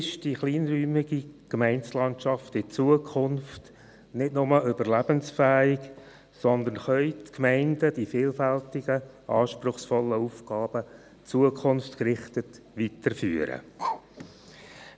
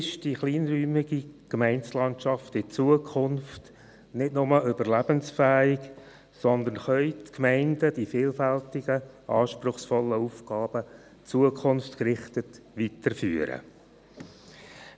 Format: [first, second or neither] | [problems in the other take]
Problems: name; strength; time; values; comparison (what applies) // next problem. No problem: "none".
second | background sound (Bark); 12 dB below the speech